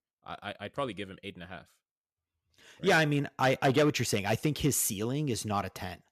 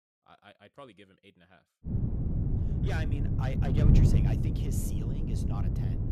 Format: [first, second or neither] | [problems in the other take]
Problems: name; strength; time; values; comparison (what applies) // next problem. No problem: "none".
first | wind noise on the microphone; heavy; from 2 s on; 4 dB above the speech